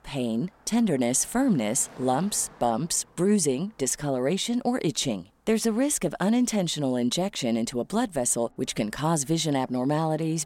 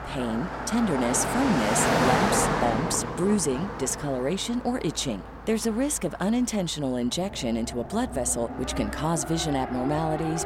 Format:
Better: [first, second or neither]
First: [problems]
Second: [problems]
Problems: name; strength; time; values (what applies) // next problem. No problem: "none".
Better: first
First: traffic noise; faint; throughout; 30 dB below the speech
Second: traffic noise; loud; throughout; 2 dB below the speech